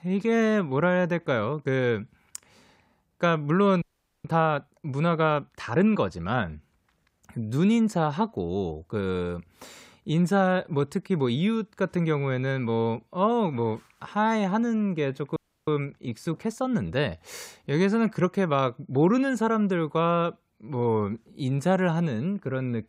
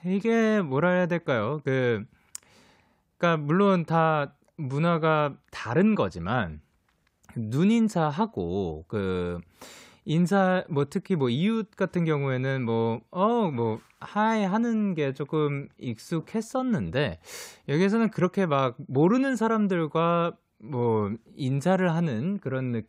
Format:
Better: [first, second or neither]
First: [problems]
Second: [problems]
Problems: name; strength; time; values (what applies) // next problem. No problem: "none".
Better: second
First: audio freezing; at 4 s and at 15 s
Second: none